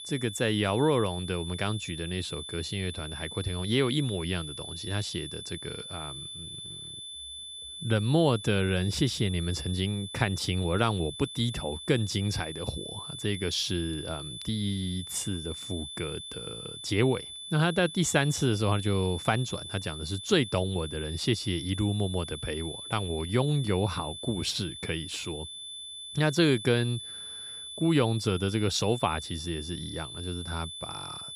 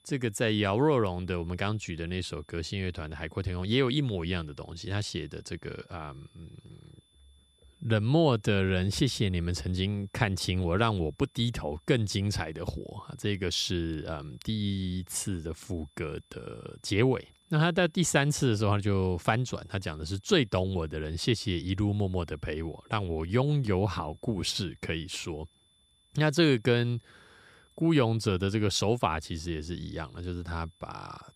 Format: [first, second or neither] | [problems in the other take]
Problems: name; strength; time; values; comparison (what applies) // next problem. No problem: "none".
second | high-pitched whine; loud; throughout; 3.5 kHz, 9 dB below the speech; faint in the second